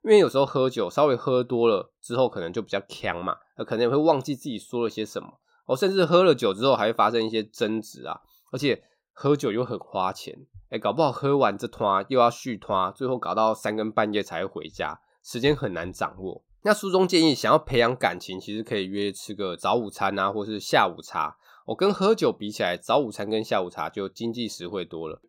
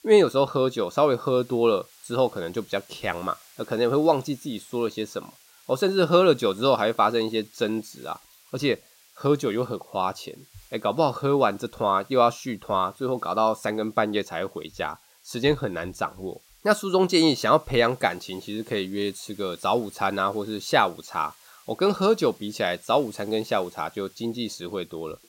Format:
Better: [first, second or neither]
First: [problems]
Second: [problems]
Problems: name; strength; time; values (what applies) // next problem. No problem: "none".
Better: first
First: none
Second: hiss; faint; throughout; 25 dB below the speech